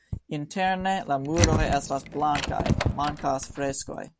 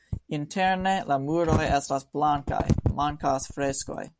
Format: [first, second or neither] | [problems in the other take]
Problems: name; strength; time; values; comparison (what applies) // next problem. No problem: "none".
second | background sound (Door); 4 dB below the speech